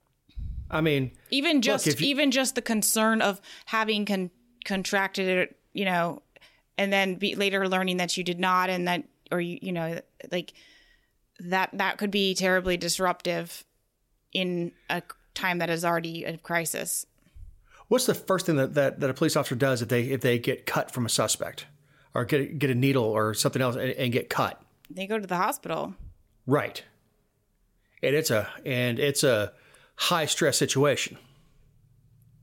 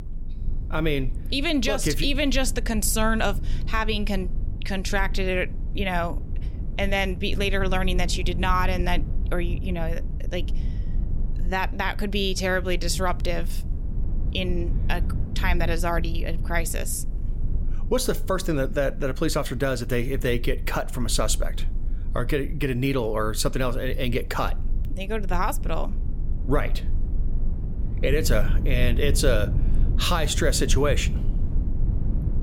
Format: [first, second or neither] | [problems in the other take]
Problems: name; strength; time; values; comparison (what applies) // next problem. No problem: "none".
first | low rumble; noticeable; throughout; 20 dB below the speech